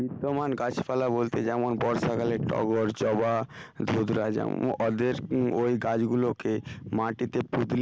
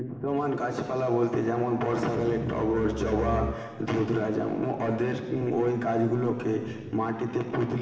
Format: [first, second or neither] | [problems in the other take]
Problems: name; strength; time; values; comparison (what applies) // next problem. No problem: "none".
first | background sound (Bowed string instrument); 7 dB below the speech // room echo; dies away in 2.1 s